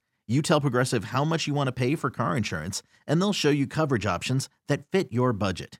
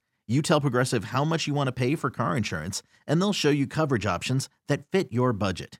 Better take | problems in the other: neither | none

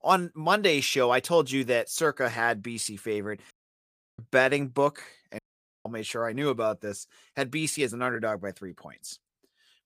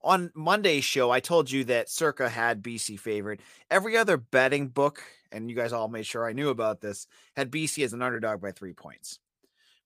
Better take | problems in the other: second | audio cutting out; at 3.5 s for 0.5 s and at 5.5 s

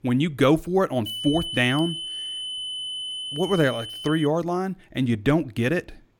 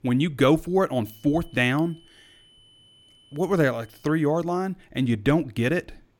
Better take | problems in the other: second | high-pitched whine; loud; from 1 to 4.5 s; 3 kHz, 6 dB below the speech; faint in the second

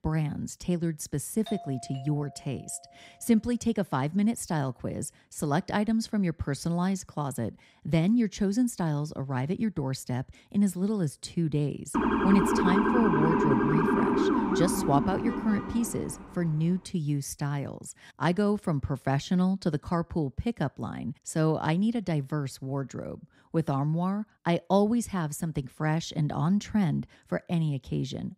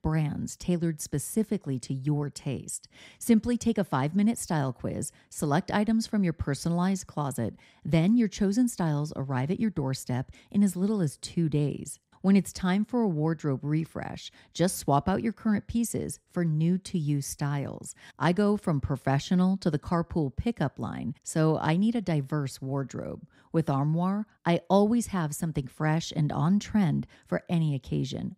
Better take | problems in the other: second | doorbell; faint; from 1.5 to 3 s; peak 15 dB below the speech // siren; loud; from 12 to 16 s; peak 5 dB above the speech

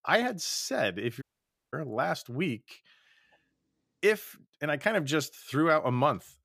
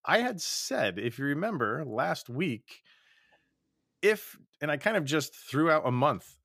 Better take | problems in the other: second | audio cutting out; at 1 s for 0.5 s

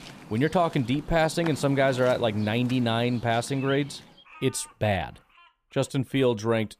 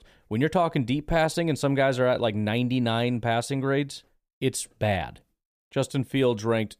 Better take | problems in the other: second | animal sounds; noticeable; throughout; 15 dB below the speech

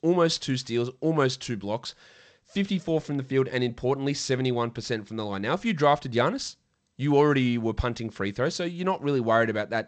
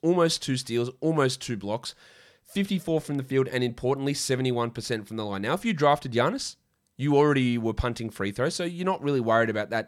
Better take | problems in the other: second | garbled, watery; slightly; nothing above 8 kHz

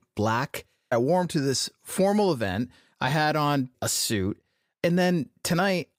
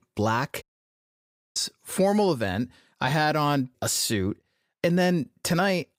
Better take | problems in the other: first | audio cutting out; at 0.5 s for 1 s

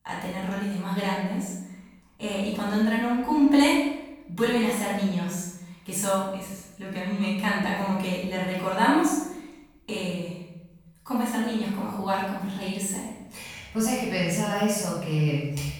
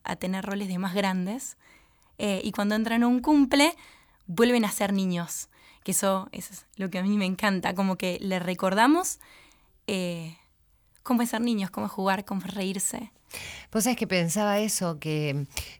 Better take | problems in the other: second | off-mic speech; far // room echo; strong; dies away in 0.8 s

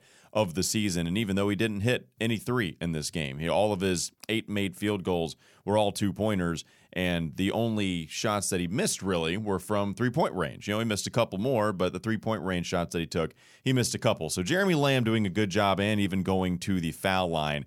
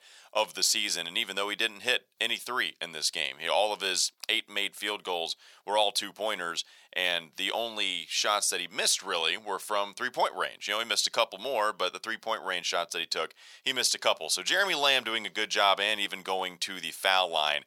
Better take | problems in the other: first | thin; very; fading below 800 Hz

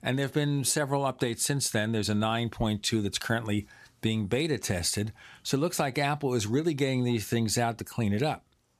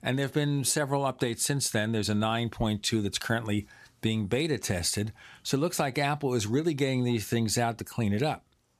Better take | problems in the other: neither | none

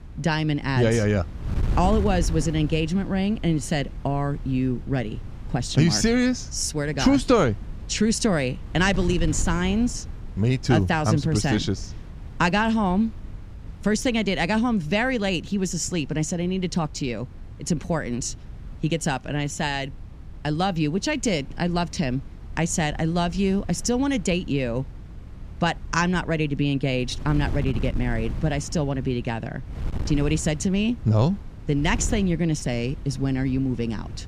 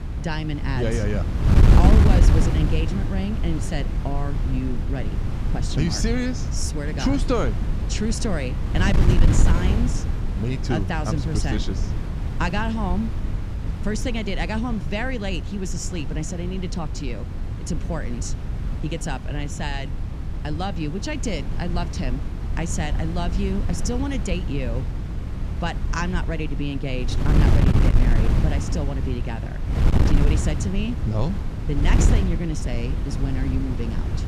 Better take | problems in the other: first | wind noise on the microphone; heavy; 4 dB below the speech; occasional gusts in the first

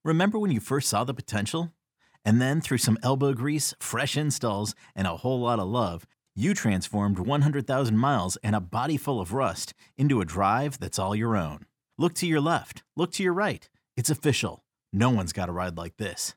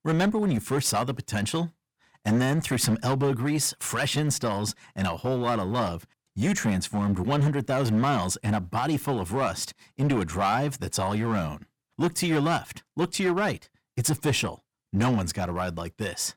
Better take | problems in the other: first | distortion; slight; 8% of the sound clipped

